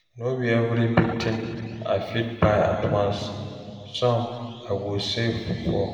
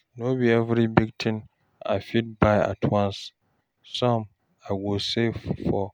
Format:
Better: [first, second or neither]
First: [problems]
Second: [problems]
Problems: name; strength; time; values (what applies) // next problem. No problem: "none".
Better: second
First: room echo; dies away in 2.4 s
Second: none